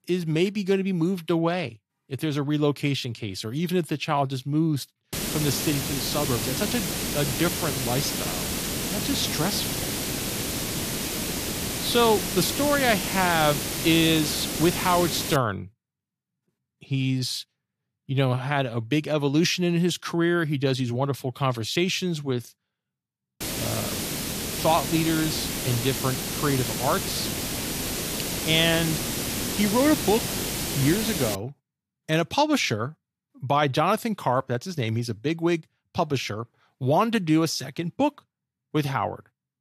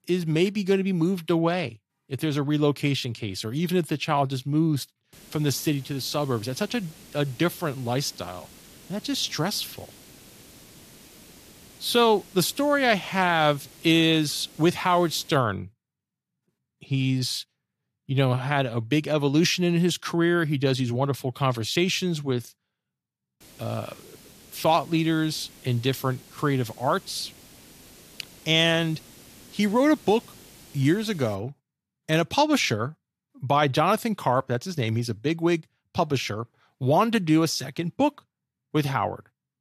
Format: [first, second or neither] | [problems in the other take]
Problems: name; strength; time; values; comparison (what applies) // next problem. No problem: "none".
second | hiss; loud; from 5 to 15 s and from 23 to 31 s; 2 dB below the speech; faint in the second